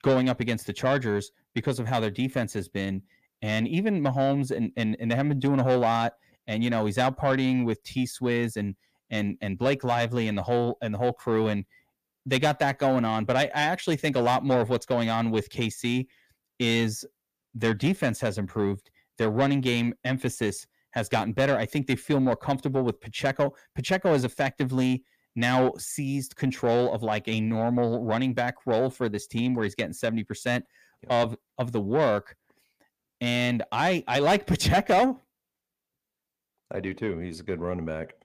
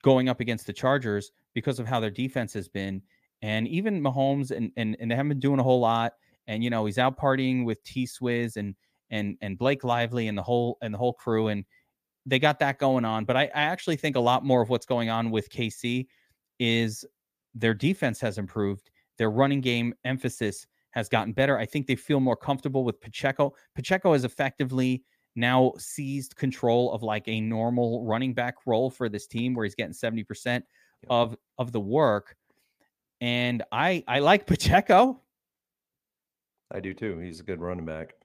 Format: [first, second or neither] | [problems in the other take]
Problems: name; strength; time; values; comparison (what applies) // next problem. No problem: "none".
second | distortion; slight; 10 dB below the speech